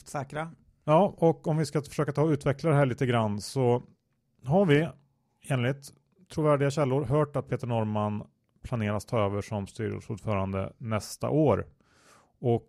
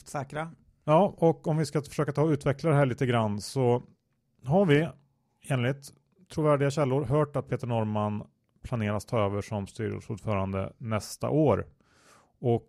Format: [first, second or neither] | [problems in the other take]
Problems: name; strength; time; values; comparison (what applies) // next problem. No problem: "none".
neither | none